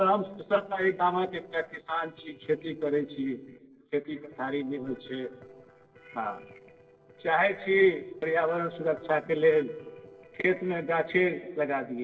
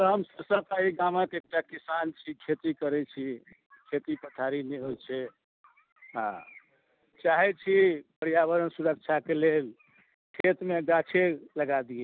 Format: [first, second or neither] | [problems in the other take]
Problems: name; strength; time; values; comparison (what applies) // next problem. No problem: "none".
second | noise reduction (neural separator model SepFormer DNS4)